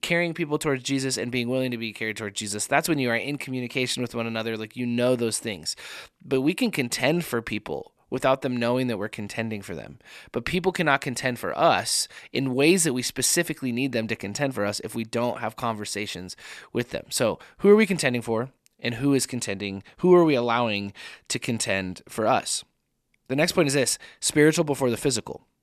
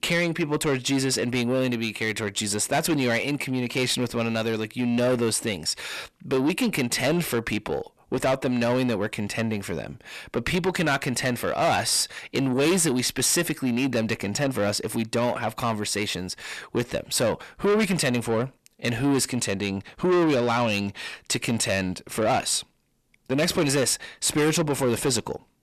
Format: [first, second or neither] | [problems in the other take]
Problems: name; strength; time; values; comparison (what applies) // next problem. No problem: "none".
first | distortion; heavy; 7 dB below the speech